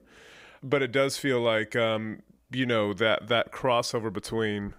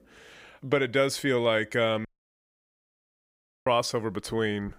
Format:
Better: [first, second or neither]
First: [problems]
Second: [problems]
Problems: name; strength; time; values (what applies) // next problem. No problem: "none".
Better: first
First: none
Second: audio cutting out; at 2 s for 1.5 s